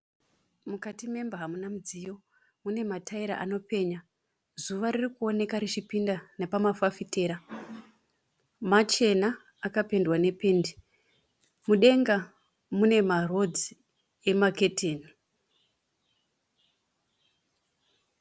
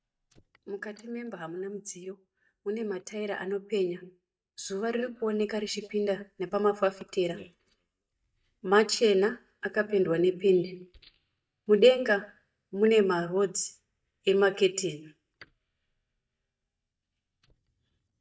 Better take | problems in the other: first | noise reduction (neural mask model DeepFilterNet 3)

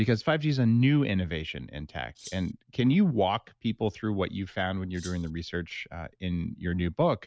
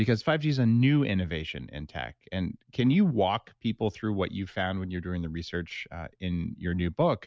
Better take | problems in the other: second | background sound (Rattle (instrument)); 19 dB below the speech

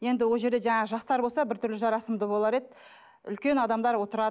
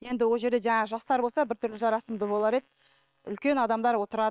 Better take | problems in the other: first | noise reduction (neural separator model SepFormer WHAM!)

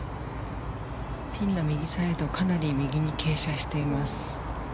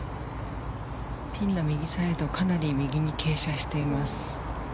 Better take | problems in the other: second | background sound (Musical instrument); 16 dB below the speech

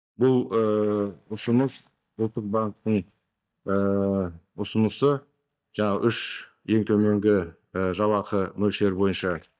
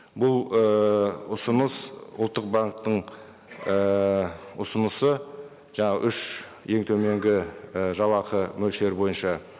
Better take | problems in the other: second | noise reduction (neural mask model DeepFilterNet 3)

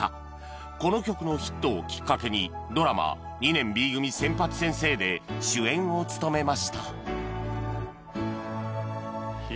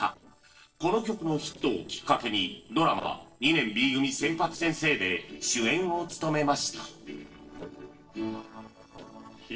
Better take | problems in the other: first | noise reduction (neural separator model SepFormer DNS4)

